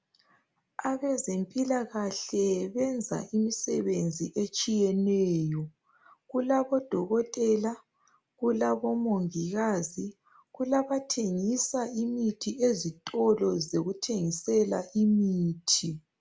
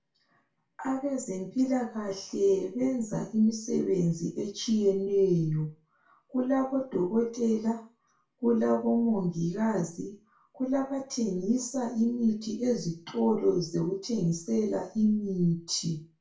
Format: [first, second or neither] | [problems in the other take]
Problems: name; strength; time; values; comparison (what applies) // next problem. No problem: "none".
first | room echo; dies away in 0.3 s